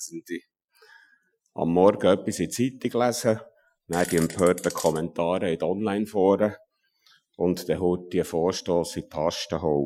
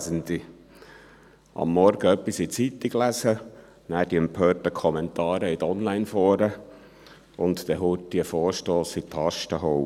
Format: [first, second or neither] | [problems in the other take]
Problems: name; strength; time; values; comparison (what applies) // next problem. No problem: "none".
second | noise reduction (classical method Wiener filter)